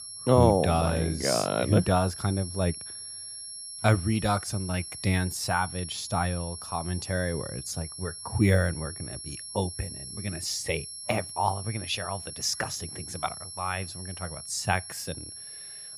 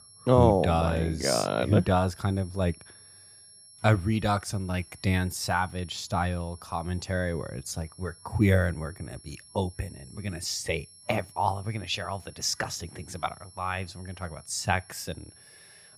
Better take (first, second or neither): second